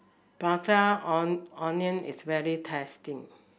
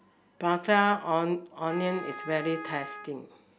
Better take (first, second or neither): first